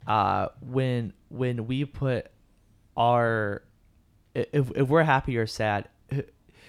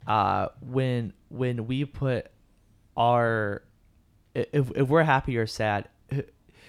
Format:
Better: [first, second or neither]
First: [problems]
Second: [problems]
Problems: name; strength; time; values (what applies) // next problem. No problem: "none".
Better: neither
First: none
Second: none